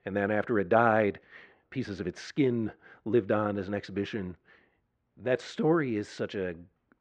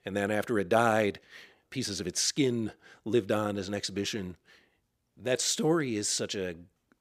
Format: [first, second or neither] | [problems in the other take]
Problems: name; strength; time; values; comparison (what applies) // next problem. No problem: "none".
second | muffled; very; fading above 1.5 kHz